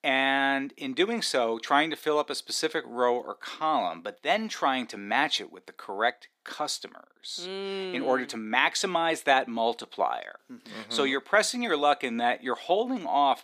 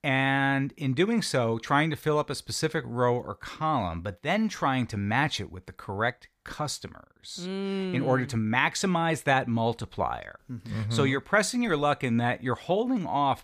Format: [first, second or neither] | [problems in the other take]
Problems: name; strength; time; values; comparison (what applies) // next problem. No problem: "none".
second | thin; somewhat; fading below 250 Hz